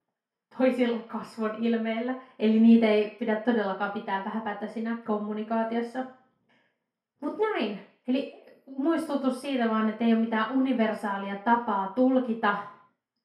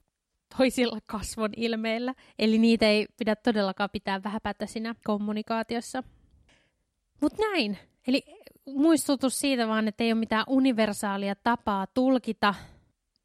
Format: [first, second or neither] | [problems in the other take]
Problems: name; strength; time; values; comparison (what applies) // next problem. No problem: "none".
second | room echo; slight; dies away in 0.5 s // off-mic speech; far